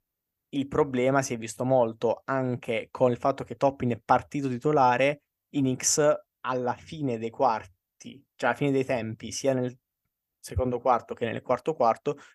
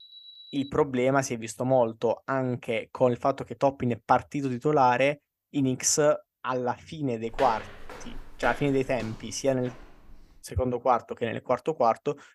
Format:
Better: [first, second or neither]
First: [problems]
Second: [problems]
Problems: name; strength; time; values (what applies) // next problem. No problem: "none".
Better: first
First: none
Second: alarm; faint; at the start; peak 20 dB below the speech // footsteps; faint; from 7.5 to 10 s; peak 10 dB below the speech